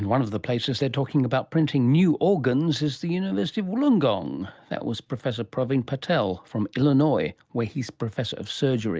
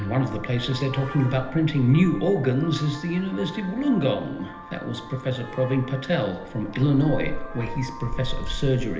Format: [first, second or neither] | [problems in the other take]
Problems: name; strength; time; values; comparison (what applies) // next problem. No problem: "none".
first | background sound (Vehicle horn, car horn, honking); 10 dB below the speech // room echo; dies away in 1.4 s